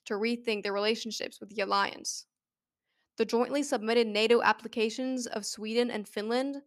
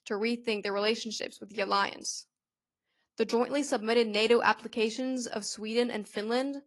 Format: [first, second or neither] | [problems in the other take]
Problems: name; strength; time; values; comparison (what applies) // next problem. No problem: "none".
first | garbled, watery; slightly; nothing above 11 kHz